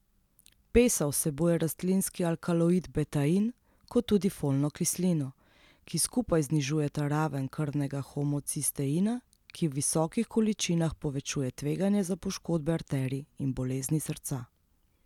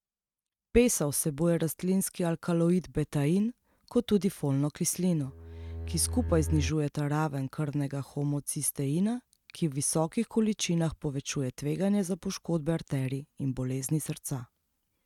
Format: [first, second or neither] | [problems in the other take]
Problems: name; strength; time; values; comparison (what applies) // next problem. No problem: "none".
first | noise reduction (neural mask model RNNoise)